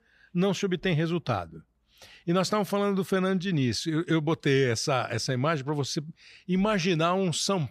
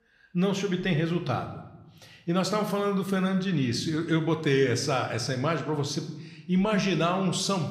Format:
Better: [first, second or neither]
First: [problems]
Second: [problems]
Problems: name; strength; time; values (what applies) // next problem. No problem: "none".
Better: first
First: none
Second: room echo; slight; dies away in 0.7 s